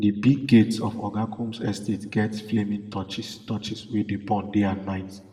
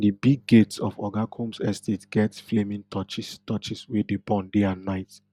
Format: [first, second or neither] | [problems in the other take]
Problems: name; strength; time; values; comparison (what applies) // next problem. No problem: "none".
second | room echo; dies away in 1.1 s